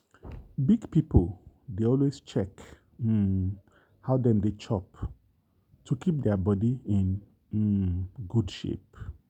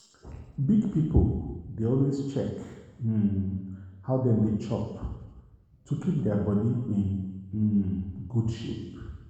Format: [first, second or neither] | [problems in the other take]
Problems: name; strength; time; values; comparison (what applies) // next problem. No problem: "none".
first | room echo; dies away in 1.1 s